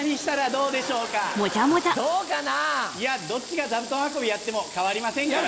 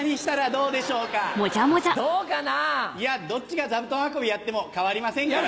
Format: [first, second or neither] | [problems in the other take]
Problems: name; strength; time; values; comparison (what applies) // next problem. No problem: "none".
second | background sound (Water tap, faucet / Water); 14 dB below the speech